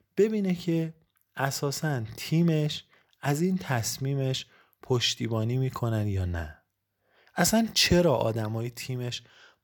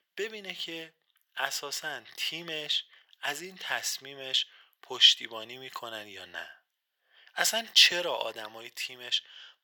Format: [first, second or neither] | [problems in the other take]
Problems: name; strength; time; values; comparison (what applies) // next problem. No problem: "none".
first | thin; very; fading below 700 Hz